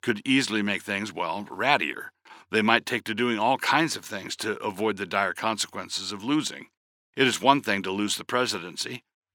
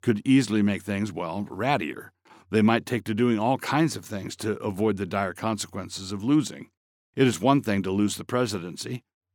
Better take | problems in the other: second | thin; somewhat; fading below 850 Hz

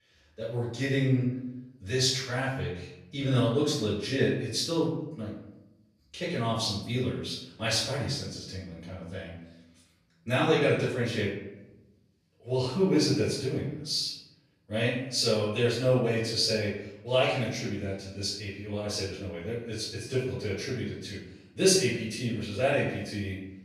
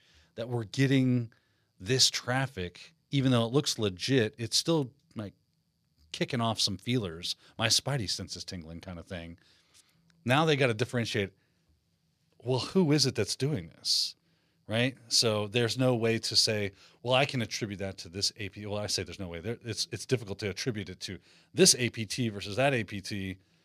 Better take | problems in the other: second | off-mic speech; far // room echo; noticeable; dies away in 0.7 s

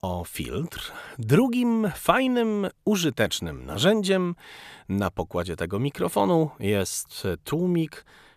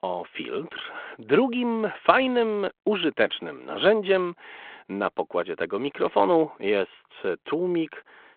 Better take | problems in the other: first | phone-call audio

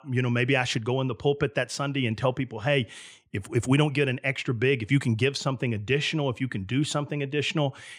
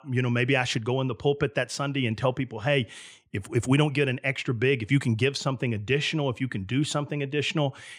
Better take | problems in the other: neither | none

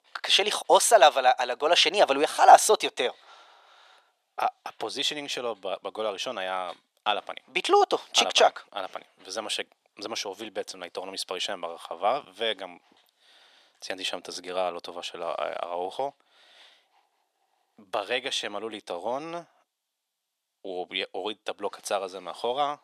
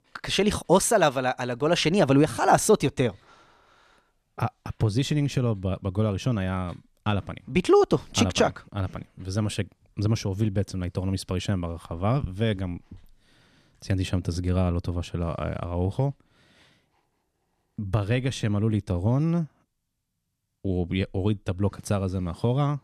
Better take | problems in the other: second | thin; very; fading below 500 Hz

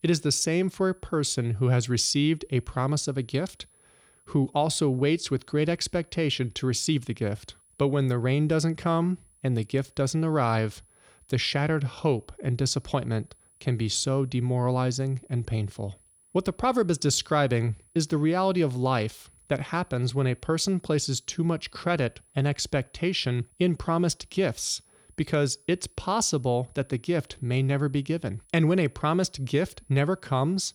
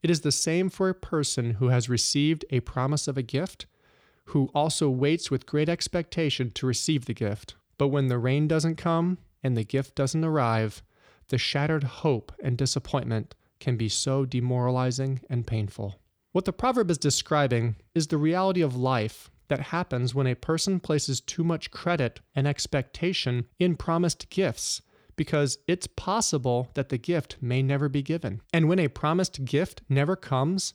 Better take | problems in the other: second | high-pitched whine; faint; throughout; 10 kHz, 30 dB below the speech

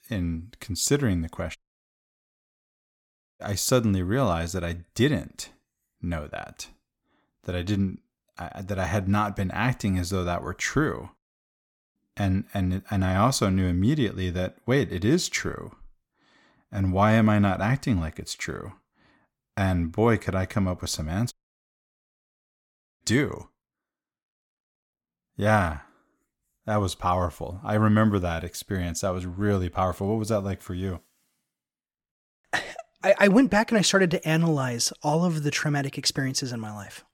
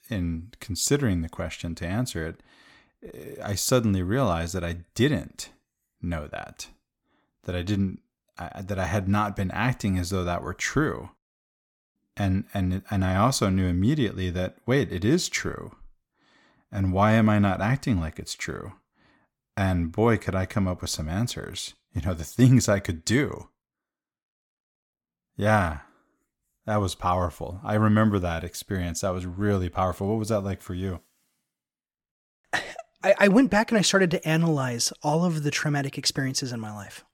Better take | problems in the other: second | audio cutting out; at 1.5 s for 2 s and at 21 s for 1.5 s

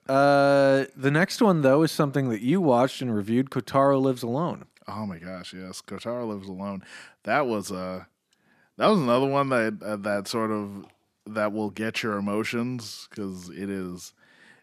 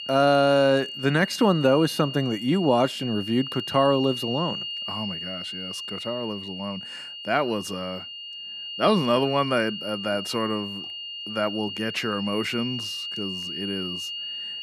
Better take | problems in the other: first | high-pitched whine; loud; throughout; 3 kHz, 7 dB below the speech

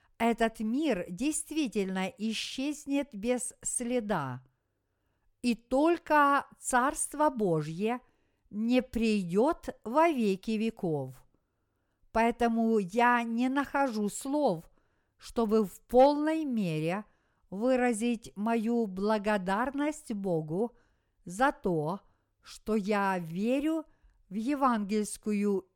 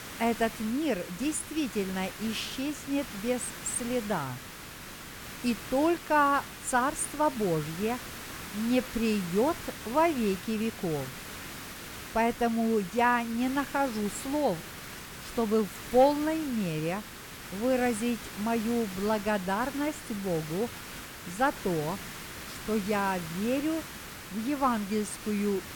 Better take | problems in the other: first | hiss; noticeable; throughout; 10 dB below the speech

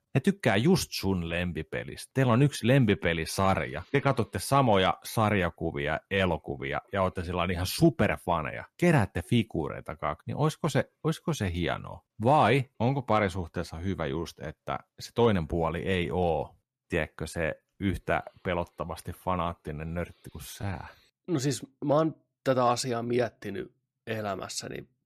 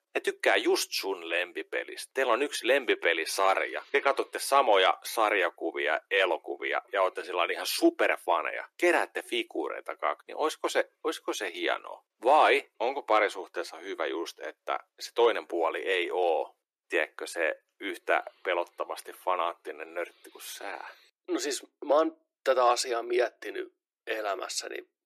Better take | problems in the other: first | thin; very; fading below 350 Hz

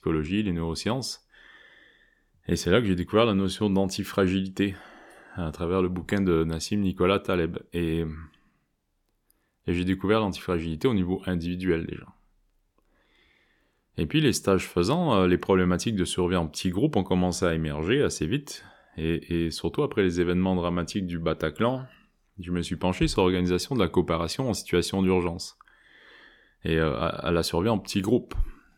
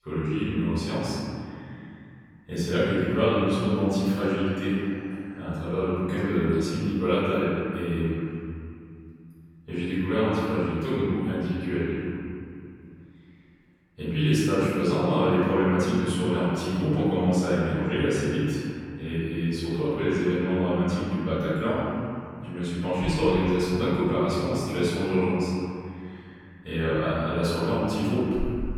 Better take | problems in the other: first | room echo; strong; dies away in 2.4 s // off-mic speech; far

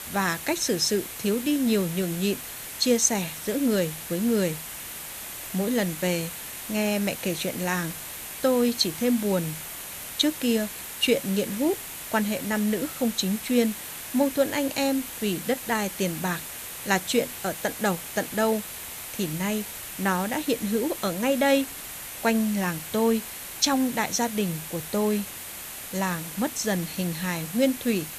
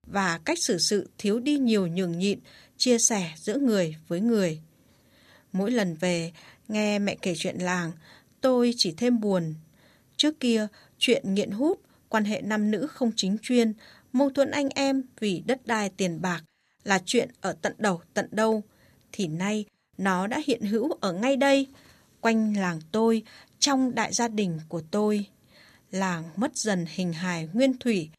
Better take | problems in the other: second | hiss; loud; throughout; 8 dB below the speech

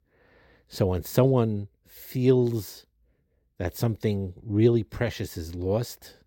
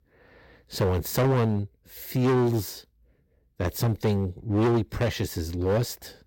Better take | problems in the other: first | distortion; heavy; 12% of the sound clipped

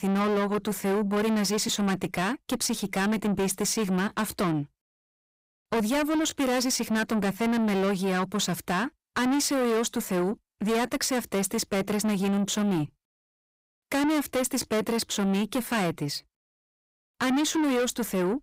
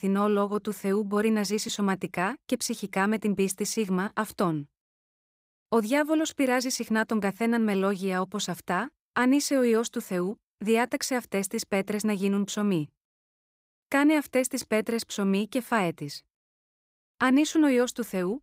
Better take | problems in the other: second | distortion; heavy; 7 dB below the speech

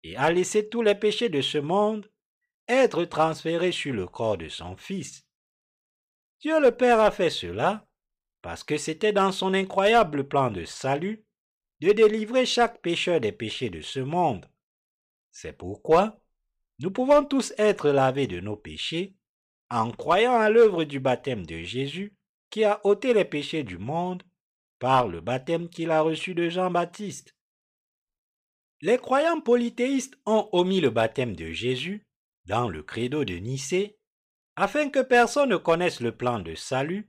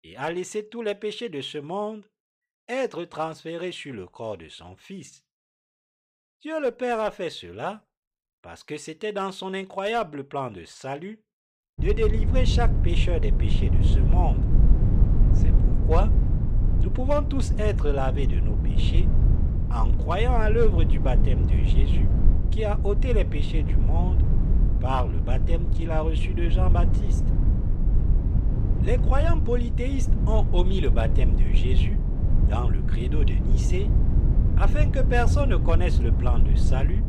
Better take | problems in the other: first | low rumble; loud; from 12 s on; 7 dB below the speech

